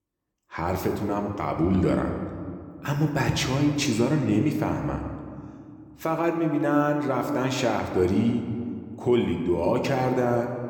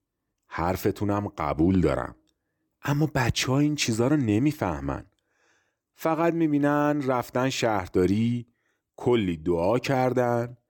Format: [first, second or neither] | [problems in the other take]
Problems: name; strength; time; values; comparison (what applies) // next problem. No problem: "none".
second | room echo; slight; dies away in 1.6 s